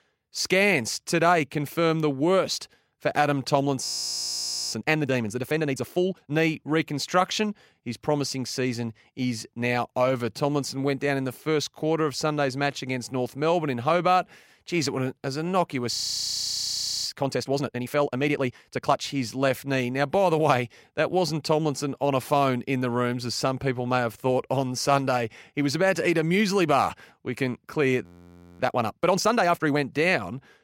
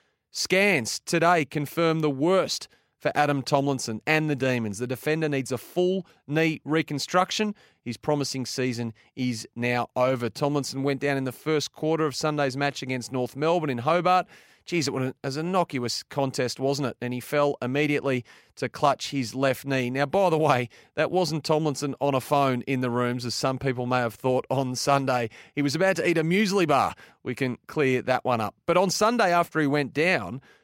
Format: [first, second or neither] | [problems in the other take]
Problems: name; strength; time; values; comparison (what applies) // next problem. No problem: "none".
second | audio freezing; at 4 s for 1 s, at 16 s for 1 s and at 28 s for 0.5 s